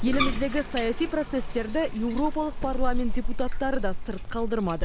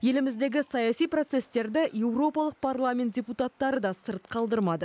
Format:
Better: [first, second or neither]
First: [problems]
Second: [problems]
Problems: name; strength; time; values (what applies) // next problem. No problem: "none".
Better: second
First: background sound (Bathtub (filling or washing)); 1 dB above the speech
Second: none